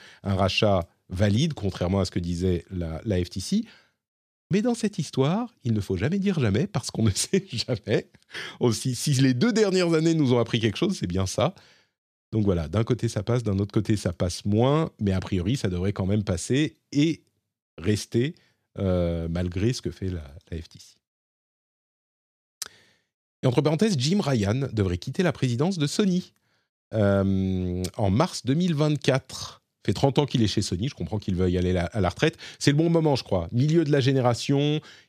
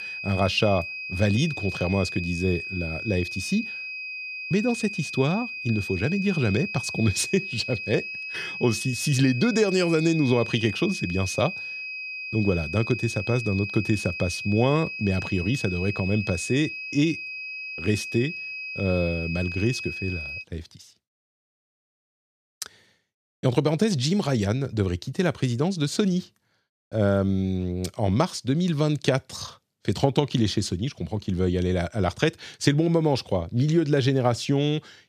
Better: first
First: none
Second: high-pitched whine; loud; until 20 s; 2.5 kHz, 7 dB below the speech

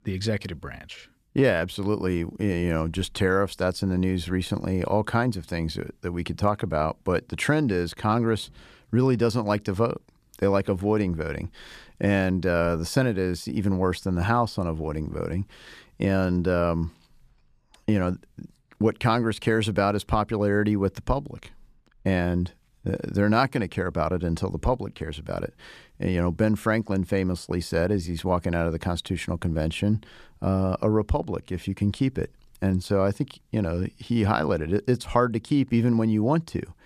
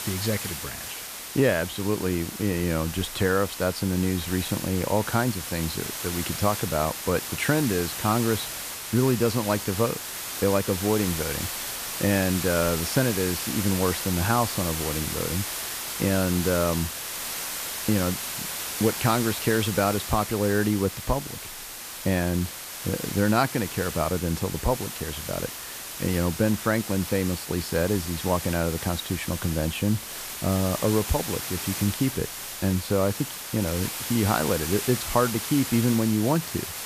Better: first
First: none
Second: hiss; loud; throughout; 5 dB below the speech

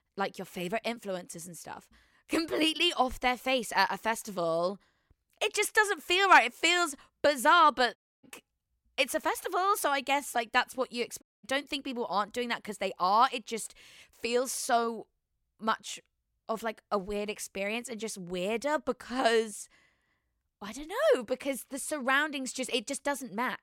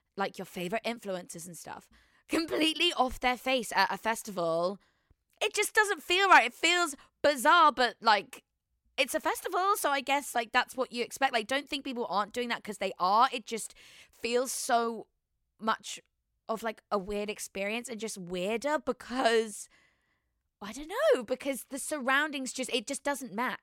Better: second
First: audio cutting out; at 8 s and at 11 s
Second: none

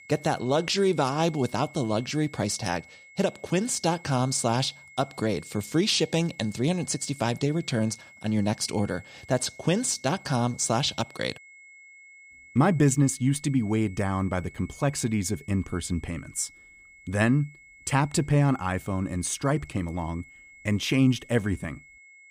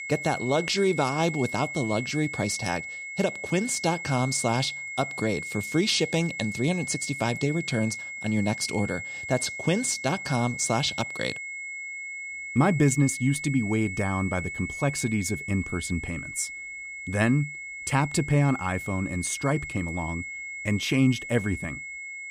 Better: first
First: high-pitched whine; faint; throughout; 2 kHz, 20 dB below the speech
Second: high-pitched whine; loud; throughout; 2 kHz, 7 dB below the speech

